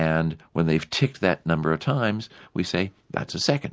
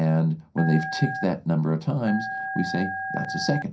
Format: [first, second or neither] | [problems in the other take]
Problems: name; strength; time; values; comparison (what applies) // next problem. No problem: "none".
first | background sound (Telephone); 8 dB below the speech // room echo; dies away in 0.3 s